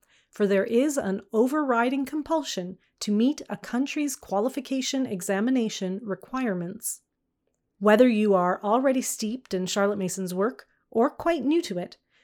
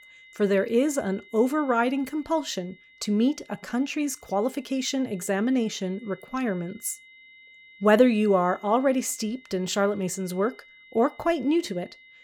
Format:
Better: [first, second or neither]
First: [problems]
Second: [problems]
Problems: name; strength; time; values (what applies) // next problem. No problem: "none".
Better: first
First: none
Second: high-pitched whine; faint; throughout; 2 kHz, 25 dB below the speech